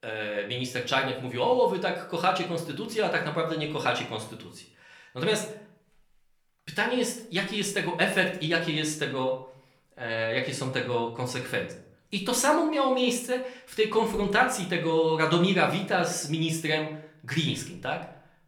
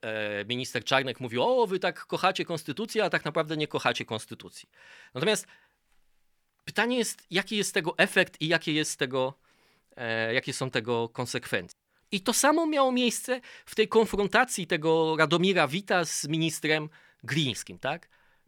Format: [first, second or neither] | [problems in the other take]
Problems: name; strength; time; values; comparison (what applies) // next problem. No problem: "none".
second | room echo; slight; dies away in 0.4 s // off-mic speech; somewhat distant